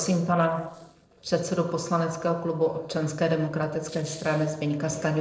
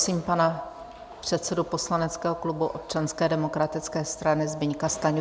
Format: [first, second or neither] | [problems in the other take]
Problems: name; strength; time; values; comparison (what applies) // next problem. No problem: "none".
second | noise reduction (neural separator model SepFormer DNS4)